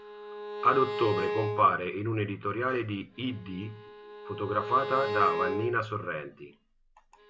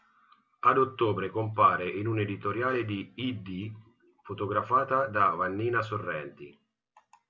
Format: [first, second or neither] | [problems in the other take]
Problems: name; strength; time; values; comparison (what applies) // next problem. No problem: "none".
second | background sound (Bowed string instrument); 7 dB below the speech